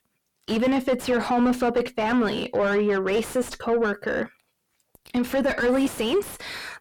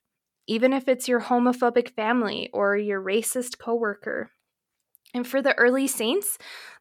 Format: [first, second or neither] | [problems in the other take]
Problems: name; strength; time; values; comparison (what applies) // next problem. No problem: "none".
second | distortion; heavy; 5 dB below the speech